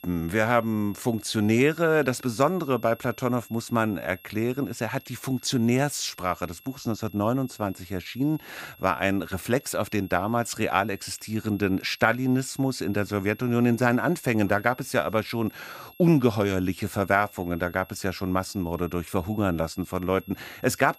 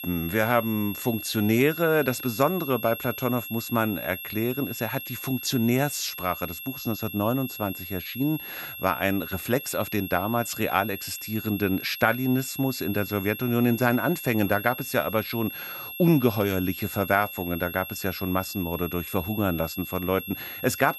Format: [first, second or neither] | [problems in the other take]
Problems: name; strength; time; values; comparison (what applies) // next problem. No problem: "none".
first | high-pitched whine; loud; throughout; 11.5 kHz, 9 dB below the speech; faint in the first